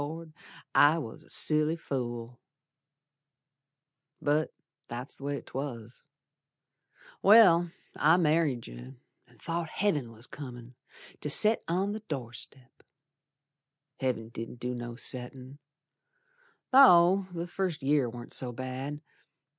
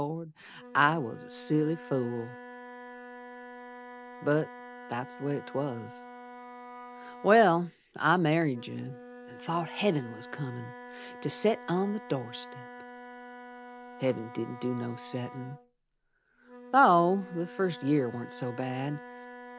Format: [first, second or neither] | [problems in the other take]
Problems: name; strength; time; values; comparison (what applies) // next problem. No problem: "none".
first | background sound (Wind instrument, woodwind instrument); 15 dB below the speech